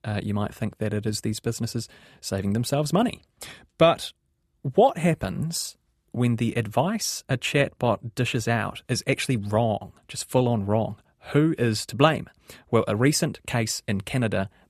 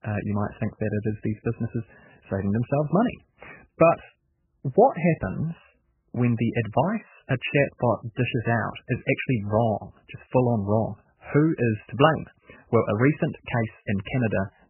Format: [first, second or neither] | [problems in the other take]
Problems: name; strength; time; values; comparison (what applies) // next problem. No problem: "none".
first | garbled, watery; badly; nothing above 3 kHz